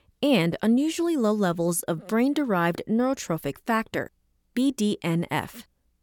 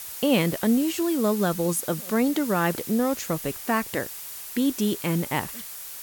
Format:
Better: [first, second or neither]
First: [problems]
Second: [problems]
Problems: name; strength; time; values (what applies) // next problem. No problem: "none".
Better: first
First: none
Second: hiss; loud; throughout; 9 dB below the speech